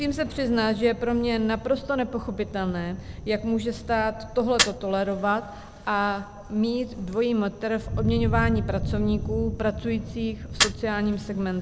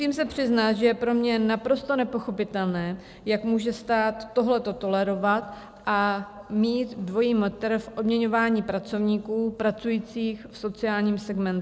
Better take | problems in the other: second | background sound (Thunder + Fire); 6 dB below the speech

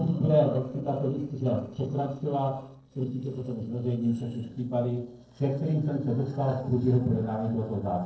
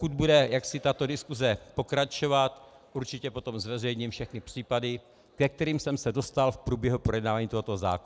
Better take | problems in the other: second | noise reduction (neural separator model SepFormer DNS4)

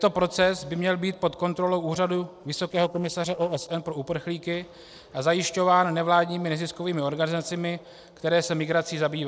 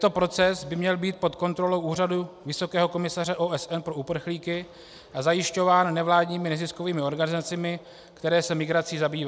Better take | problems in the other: second | noise reduction (neural separator model SepFormer DNS4)

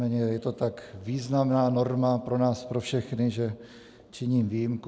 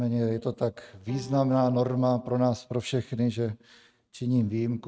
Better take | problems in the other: first | noise reduction (neural mask model RNNoise)

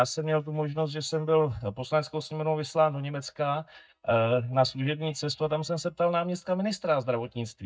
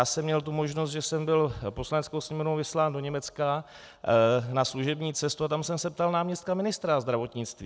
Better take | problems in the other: second | noise reduction (neural mask model DeepFilterNet 3)

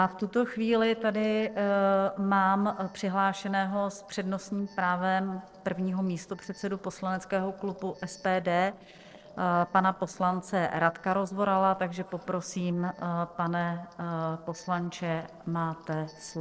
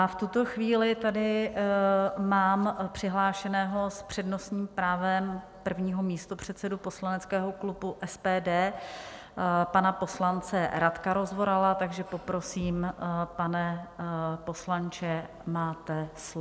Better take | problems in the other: second | noise reduction (neural separator model SepFormer DNS4)

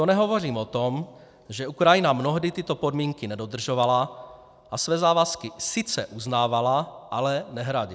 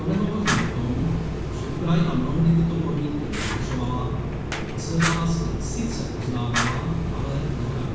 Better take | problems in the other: first | background sound (Fire); 2 dB below the speech // room echo; dies away in 1.2 s

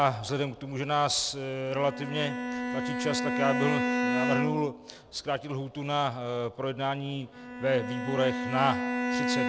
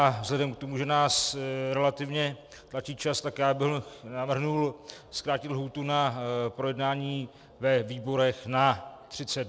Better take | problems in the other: second | background sound (Bowed string instrument); 2 dB below the speech

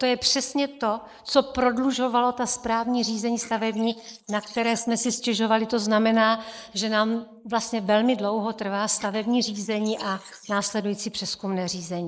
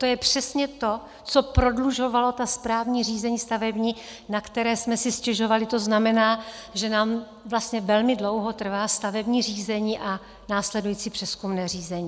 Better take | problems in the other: second | noise reduction (neural mask model Resemble Enhance denoiser)

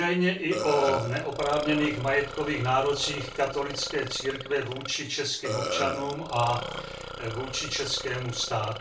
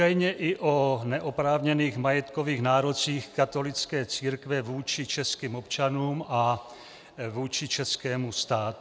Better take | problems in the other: second | background sound (Burping, eructation); 7 dB below the speech // room echo; dies away in 0.2 s

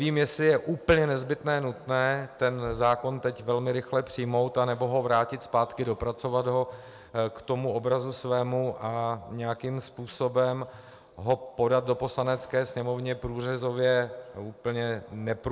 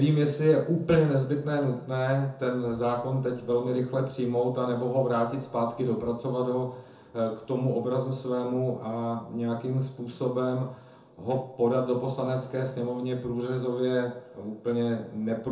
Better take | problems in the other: first | room echo; dies away in 0.7 s

